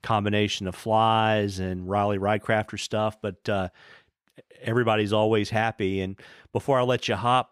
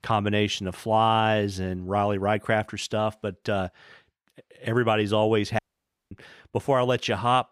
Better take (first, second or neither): first